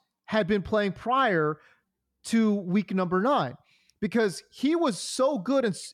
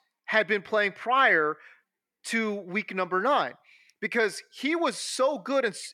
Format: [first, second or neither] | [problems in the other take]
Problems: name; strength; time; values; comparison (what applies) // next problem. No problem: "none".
first | thin; somewhat; fading below 350 Hz